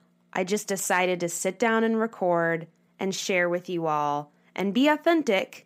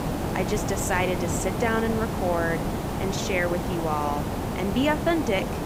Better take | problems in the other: first | hiss; loud; throughout; 2 dB below the speech

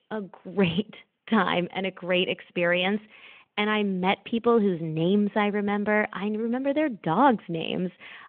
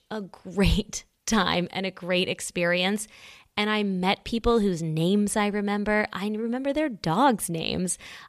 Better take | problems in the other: second | phone-call audio; nothing above 3.5 kHz

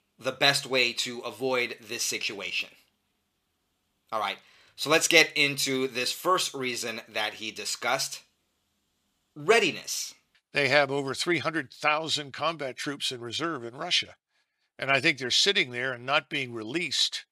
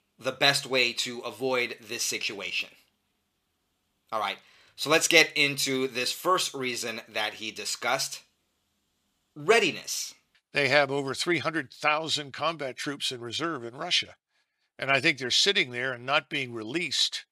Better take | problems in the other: neither | thin; somewhat; fading below 950 Hz; the same in both

